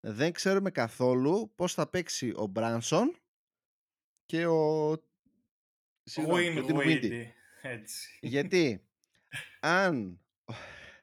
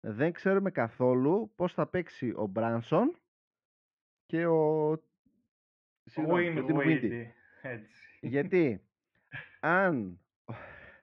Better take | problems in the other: first | muffled; very; fading above 2 kHz

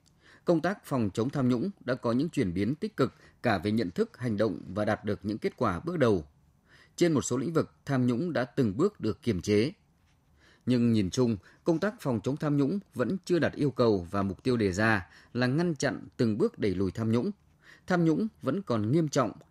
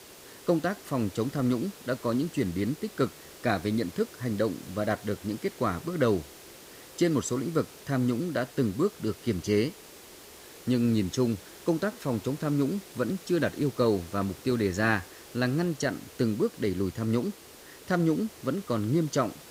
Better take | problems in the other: first | hiss; noticeable; throughout; 20 dB below the speech

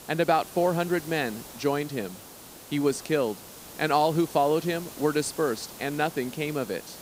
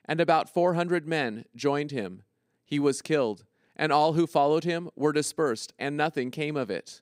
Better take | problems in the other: second | hiss; noticeable; throughout; 15 dB below the speech

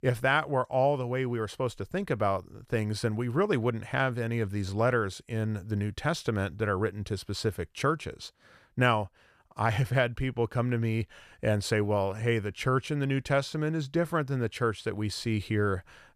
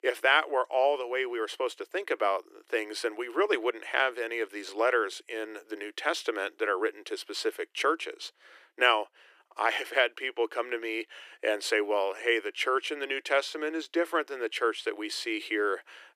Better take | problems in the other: first | thin; very; fading below 300 Hz

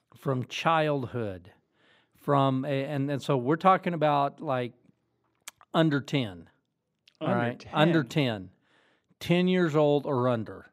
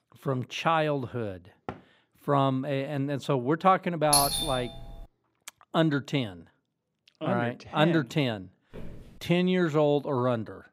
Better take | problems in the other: first | door banging; faint; at 1.5 s; peak 15 dB below the speech // doorbell; loud; at 4 s; peak 4 dB above the speech // footsteps; faint; at 8.5 s; peak 20 dB below the speech

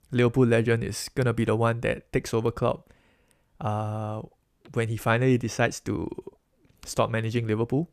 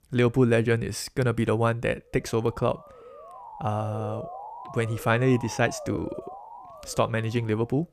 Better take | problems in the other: first | siren; faint; from 2 s on; peak 10 dB below the speech

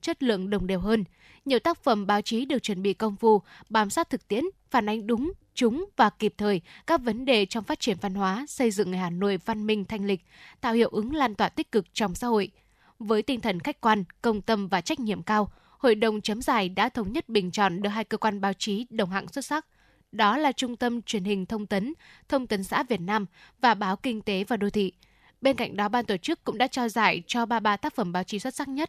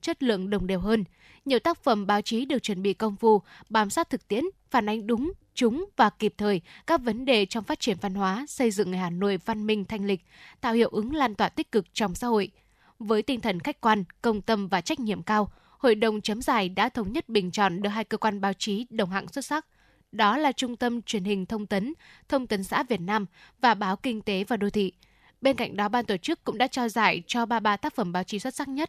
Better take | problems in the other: neither | none

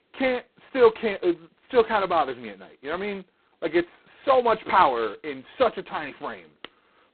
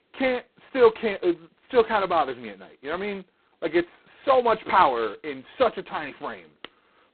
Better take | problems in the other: neither | phone-call audio; poor line; nothing above 4 kHz; the same in both

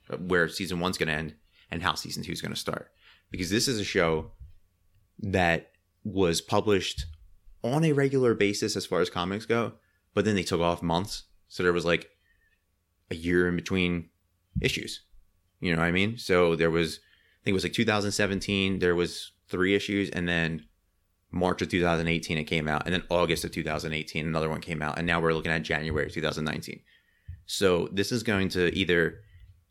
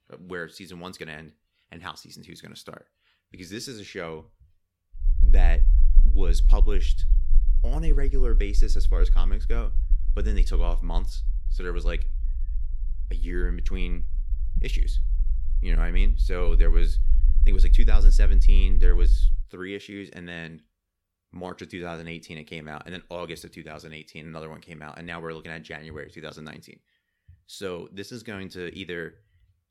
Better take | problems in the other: first | low rumble; noticeable; from 5 to 19 s; 15 dB below the speech

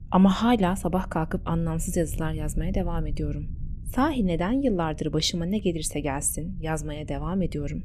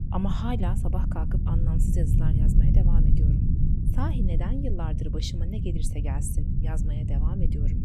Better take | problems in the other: first | low rumble; loud; throughout; 1 dB below the speech; faint in the first

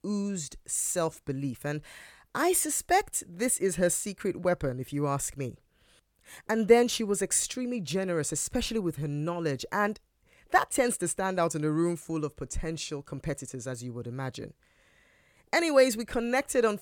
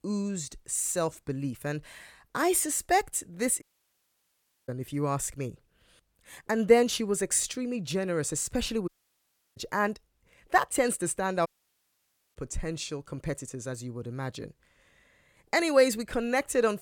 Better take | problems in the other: first | audio cutting out; at 3.5 s for 1 s, at 9 s for 0.5 s and at 11 s for 1 s

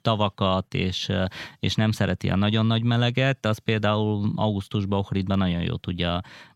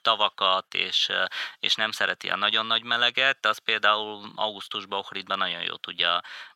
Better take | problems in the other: first | thin; very; fading below 650 Hz

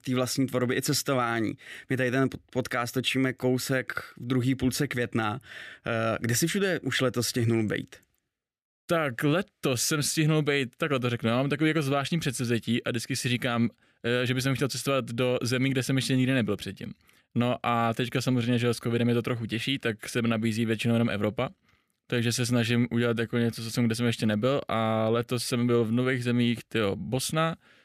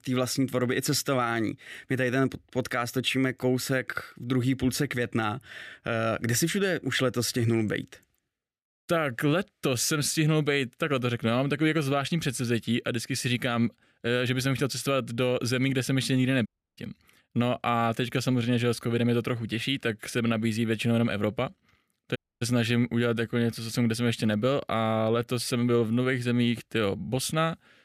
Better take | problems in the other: first | audio cutting out; at 16 s and at 22 s

